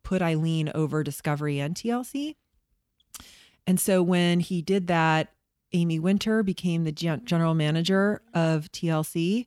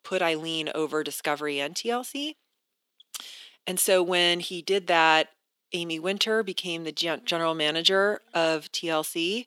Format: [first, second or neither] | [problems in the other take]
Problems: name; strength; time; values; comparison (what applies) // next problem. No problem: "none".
first | thin; very; fading below 350 Hz